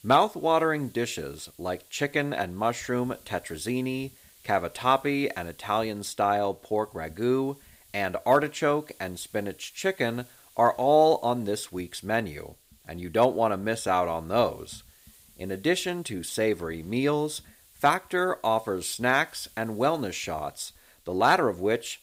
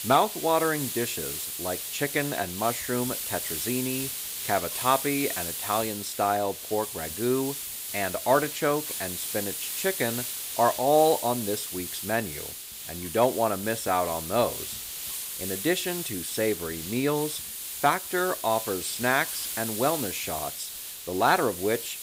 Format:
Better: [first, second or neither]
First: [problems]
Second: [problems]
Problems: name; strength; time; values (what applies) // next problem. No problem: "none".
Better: first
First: hiss; faint; throughout; 25 dB below the speech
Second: hiss; loud; throughout; 4 dB below the speech